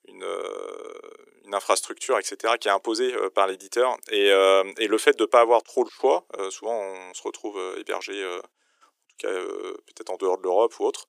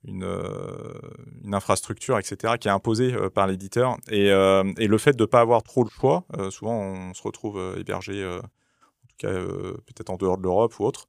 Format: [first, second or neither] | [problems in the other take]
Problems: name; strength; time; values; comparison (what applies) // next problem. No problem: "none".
second | thin; very; fading below 350 Hz